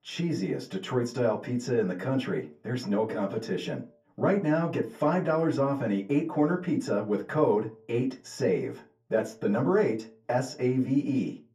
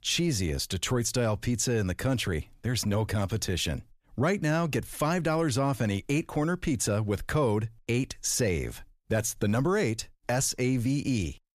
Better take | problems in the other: second | room echo; slight; dies away in 0.4 s // off-mic speech; far

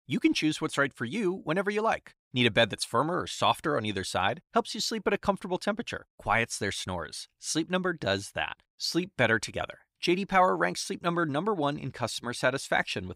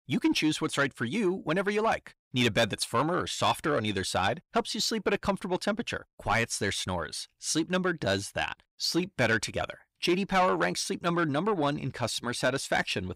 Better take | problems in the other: first | distortion; slight; 10 dB below the speech

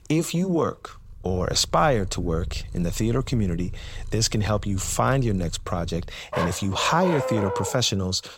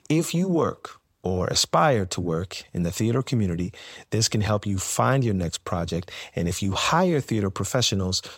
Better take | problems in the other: second | animal sounds; loud; throughout; 10 dB below the speech

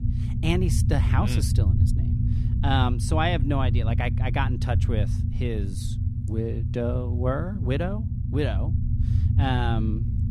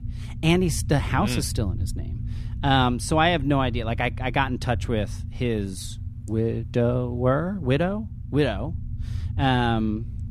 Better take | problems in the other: second | low rumble; loud; throughout; 9 dB below the speech; faint in the second

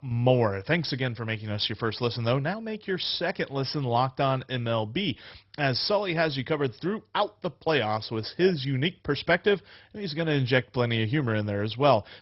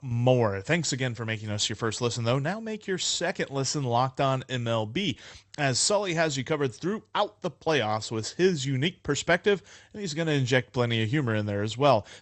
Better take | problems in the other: second | garbled, watery; badly; nothing above 5.5 kHz; slightly in the second

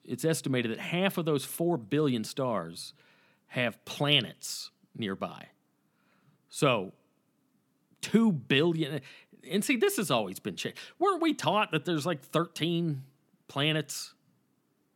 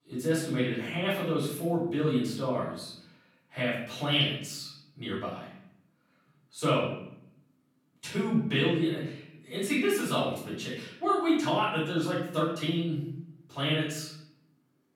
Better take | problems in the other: first | off-mic speech; far // room echo; noticeable; dies away in 0.6 s

